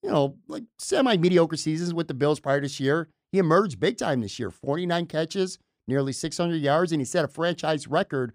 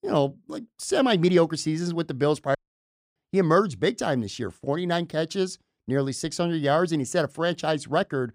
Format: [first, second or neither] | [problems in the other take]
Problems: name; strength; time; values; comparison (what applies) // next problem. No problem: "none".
first | audio cutting out; at 2.5 s for 0.5 s